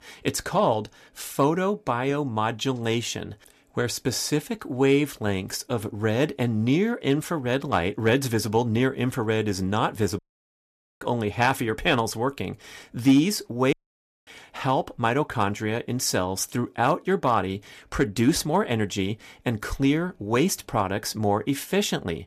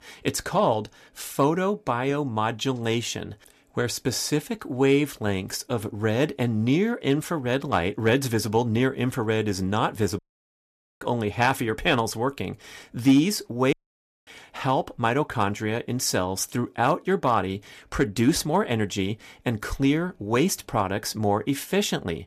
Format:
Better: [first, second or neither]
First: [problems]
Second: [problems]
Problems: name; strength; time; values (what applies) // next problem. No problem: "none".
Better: neither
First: audio cutting out; at 10 s for 1 s and at 14 s for 0.5 s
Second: audio cutting out; at 10 s for 1 s and at 14 s for 0.5 s